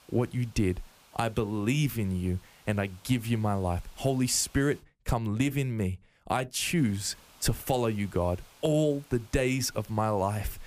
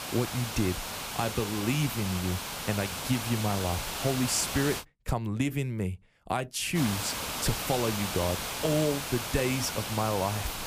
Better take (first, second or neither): first